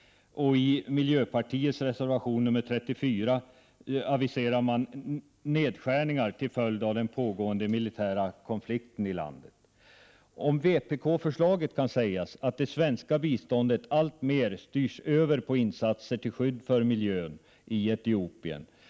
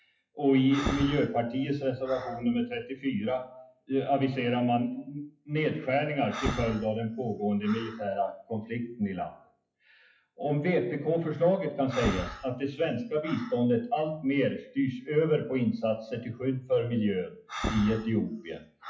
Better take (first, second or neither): first